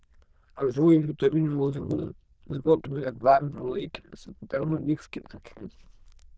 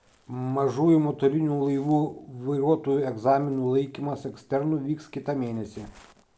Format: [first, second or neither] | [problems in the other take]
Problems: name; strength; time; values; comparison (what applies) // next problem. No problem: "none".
second | noise reduction (neural diffusion model UNIVERSE++)